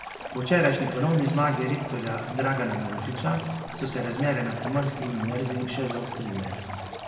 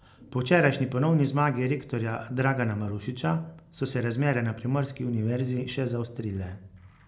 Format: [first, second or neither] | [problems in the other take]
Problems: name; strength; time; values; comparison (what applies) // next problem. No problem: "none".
second | background sound (Stream); 10 dB below the speech // room echo; dies away in 2.2 s